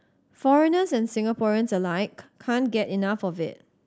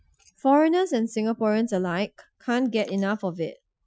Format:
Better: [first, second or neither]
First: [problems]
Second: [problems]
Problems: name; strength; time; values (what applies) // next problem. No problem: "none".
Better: first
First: none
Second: noise reduction (classical method Wiener filter)